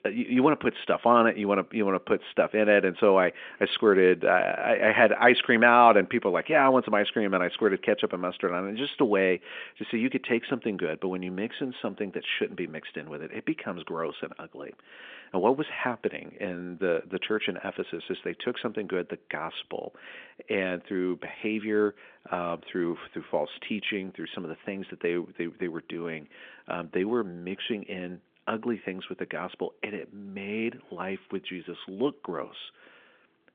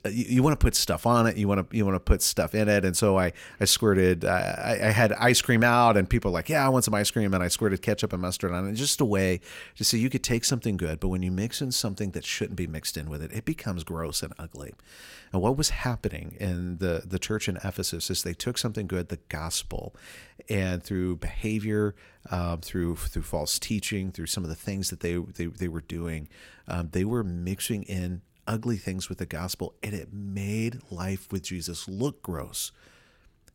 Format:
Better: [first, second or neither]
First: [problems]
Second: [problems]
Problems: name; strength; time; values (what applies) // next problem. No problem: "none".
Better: second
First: phone-call audio; nothing above 3.5 kHz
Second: none